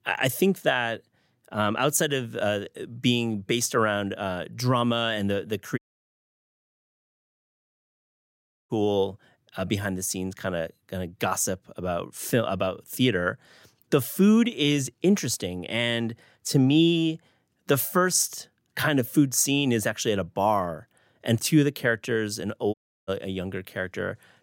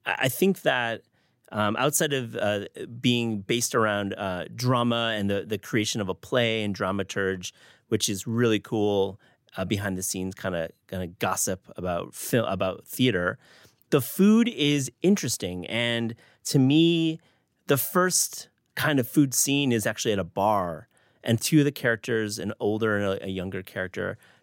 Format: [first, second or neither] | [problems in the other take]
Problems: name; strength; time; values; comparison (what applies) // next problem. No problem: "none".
second | audio cutting out; at 6 s for 3 s and at 23 s